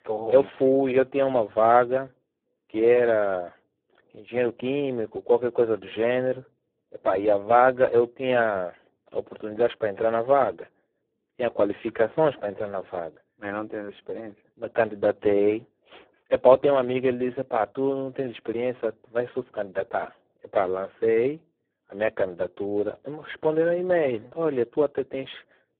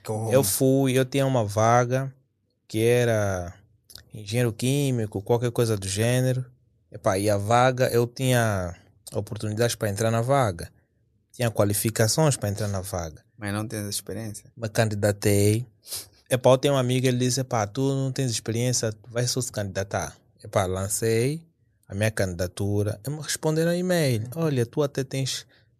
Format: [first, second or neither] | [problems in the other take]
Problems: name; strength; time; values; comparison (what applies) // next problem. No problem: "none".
second | phone-call audio; poor line; nothing above 3.5 kHz